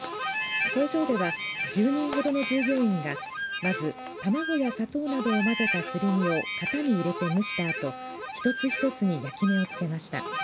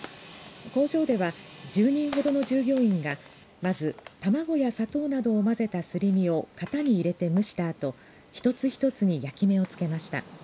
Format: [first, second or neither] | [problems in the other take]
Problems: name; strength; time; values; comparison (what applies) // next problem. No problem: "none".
second | background sound (Harmonica); 5 dB below the speech